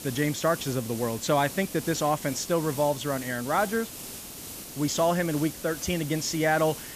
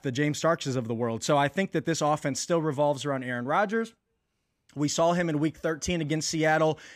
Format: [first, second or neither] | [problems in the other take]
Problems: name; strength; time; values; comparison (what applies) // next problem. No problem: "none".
second | hiss; noticeable; throughout; 10 dB below the speech